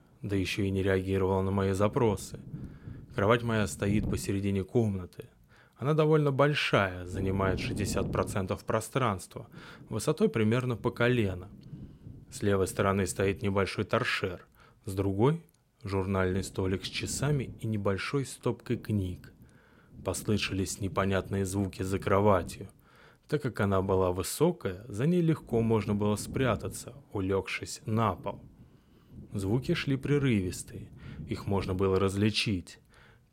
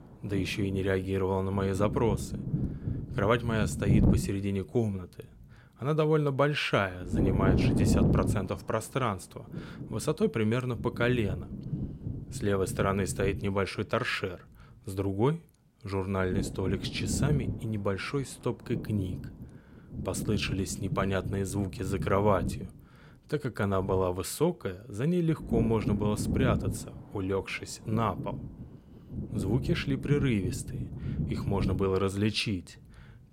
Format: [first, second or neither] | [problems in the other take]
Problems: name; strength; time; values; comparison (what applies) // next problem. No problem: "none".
first | wind noise on the microphone; heavy; 9 dB below the speech; occasional gusts in the first